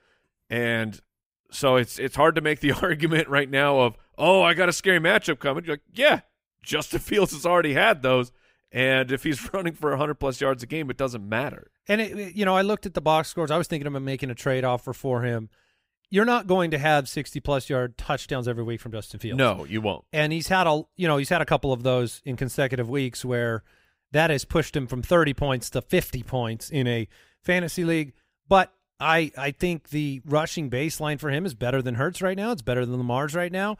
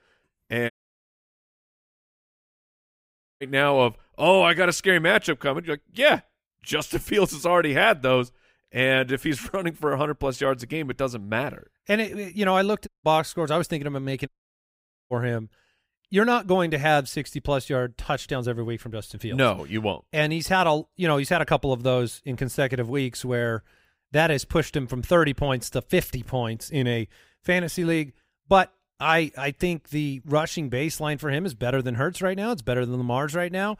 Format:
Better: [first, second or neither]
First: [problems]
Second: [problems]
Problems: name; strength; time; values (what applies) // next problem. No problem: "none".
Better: first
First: none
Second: audio cutting out; at 0.5 s for 2.5 s, at 13 s and at 14 s for 1 s